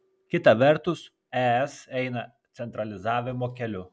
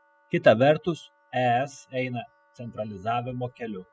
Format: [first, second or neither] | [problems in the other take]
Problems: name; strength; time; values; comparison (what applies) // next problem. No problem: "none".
first | noise reduction (classical method spectral subtraction)